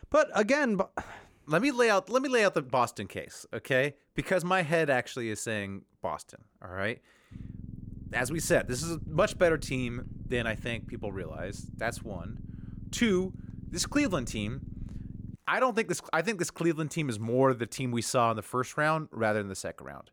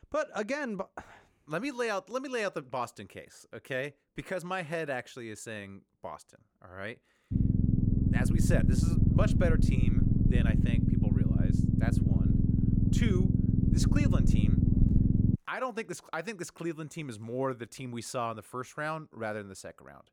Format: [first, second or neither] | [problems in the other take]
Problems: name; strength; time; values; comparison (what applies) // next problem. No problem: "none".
first | low rumble; loud; from 7.5 to 15 s; 1 dB below the speech; faint in the first